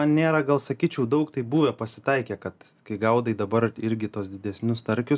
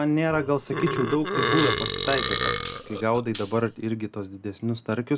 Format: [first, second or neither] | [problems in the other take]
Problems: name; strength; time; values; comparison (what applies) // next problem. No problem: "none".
first | background sound (Burping, eructation + Tambourine); 2 dB below the speech